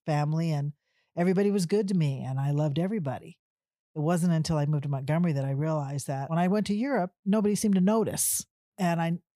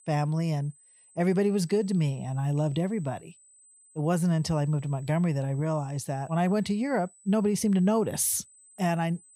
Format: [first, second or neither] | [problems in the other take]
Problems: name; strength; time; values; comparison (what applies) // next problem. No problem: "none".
first | high-pitched whine; faint; throughout; 8 kHz, 25 dB below the speech